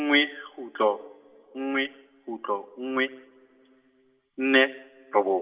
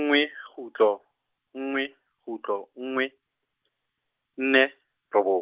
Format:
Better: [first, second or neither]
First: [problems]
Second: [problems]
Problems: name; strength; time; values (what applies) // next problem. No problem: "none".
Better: second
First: room echo; dies away in 2.8 s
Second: none